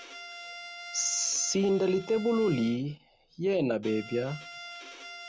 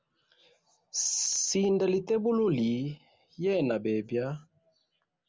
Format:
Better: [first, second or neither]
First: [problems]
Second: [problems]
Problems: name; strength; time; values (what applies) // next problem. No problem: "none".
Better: second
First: background sound (Bowed string instrument); 15 dB below the speech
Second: none